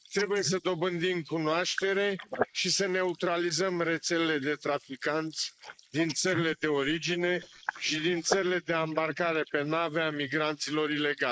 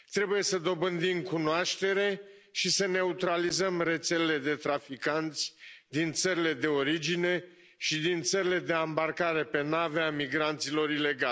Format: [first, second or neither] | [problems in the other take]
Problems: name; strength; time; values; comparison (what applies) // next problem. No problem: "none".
second | noise reduction (neural mask model Resemble Enhance denoiser)